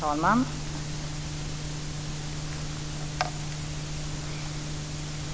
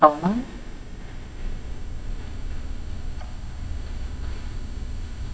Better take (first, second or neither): first